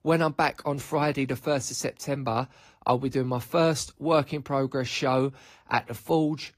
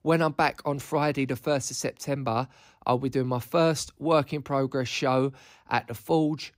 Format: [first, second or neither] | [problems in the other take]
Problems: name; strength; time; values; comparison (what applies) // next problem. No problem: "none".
second | garbled, watery; slightly; nothing above 14.5 kHz